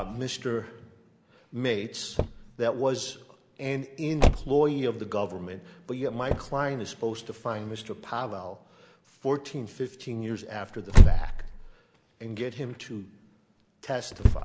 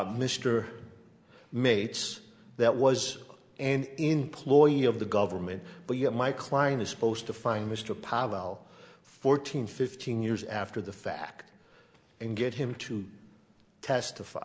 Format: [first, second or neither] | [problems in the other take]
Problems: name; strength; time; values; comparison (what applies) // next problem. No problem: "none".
second | background sound (Motor vehicle (road)); 4 dB above the speech